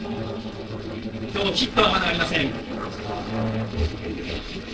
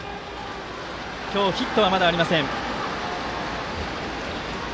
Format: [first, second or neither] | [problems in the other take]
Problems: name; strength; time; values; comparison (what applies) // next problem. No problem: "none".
second | noise reduction (neural separator model SepFormer DNS4)